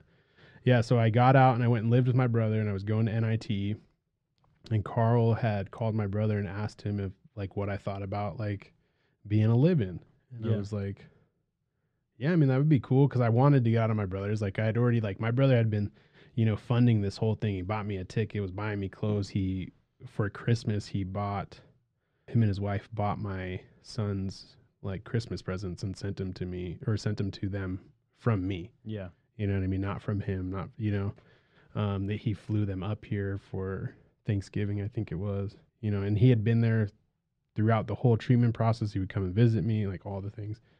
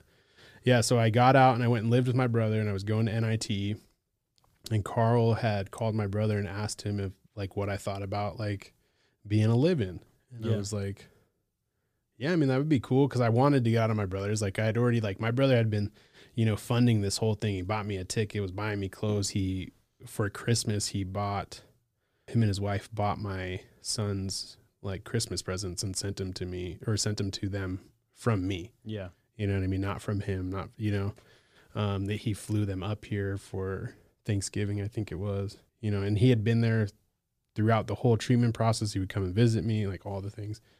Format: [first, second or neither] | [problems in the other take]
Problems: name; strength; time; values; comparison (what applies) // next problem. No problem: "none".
second | muffled; slightly; fading above 3 kHz